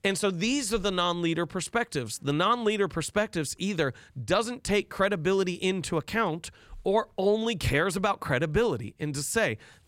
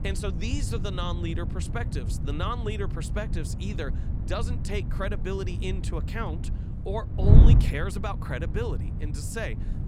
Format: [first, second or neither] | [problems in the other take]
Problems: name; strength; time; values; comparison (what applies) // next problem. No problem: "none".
first | wind noise on the microphone; heavy; 6 dB below the speech